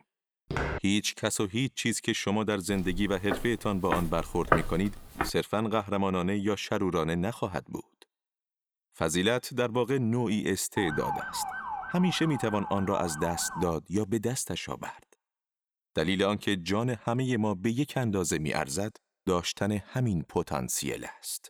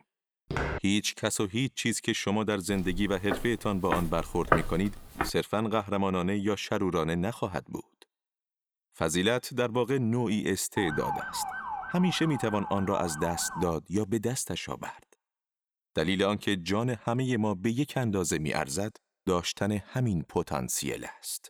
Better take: neither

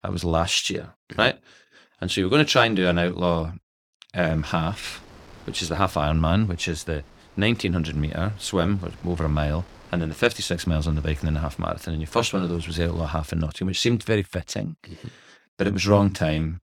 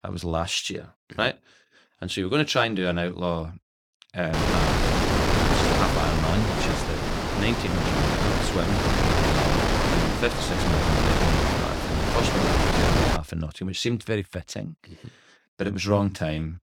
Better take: first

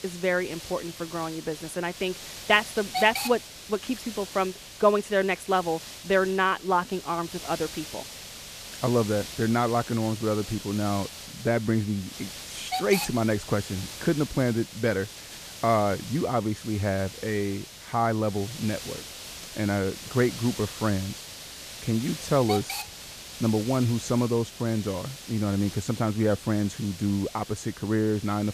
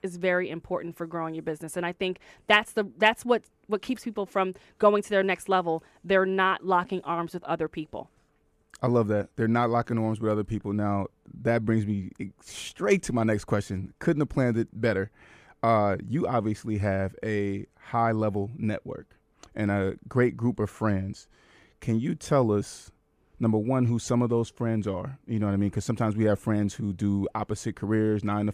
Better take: second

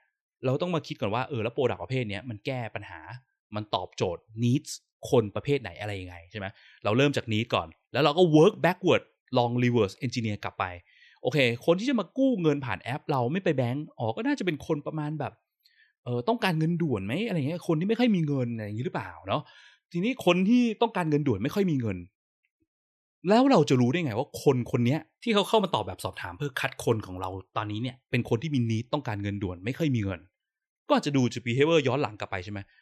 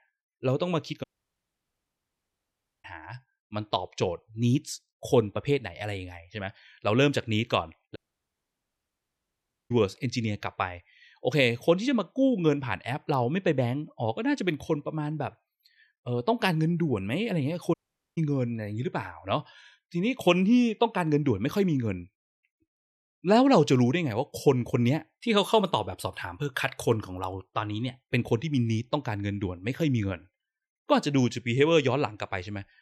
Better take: first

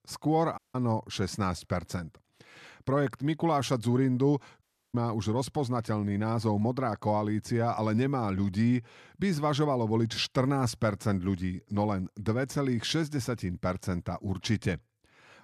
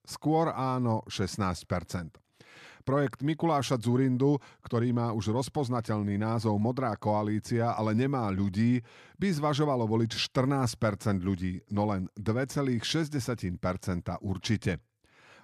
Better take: second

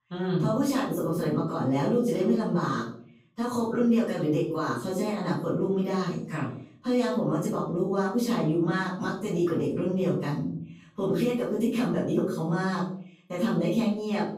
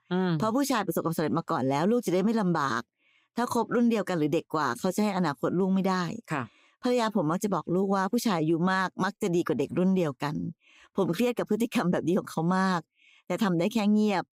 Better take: second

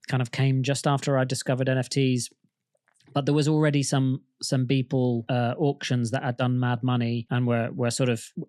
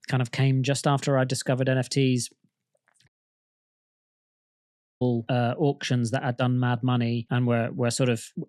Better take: first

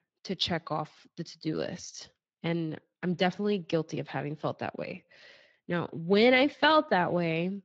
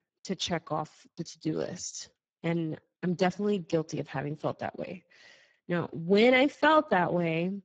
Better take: first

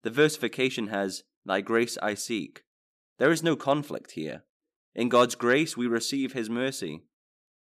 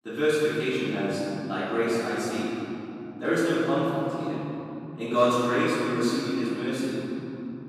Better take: first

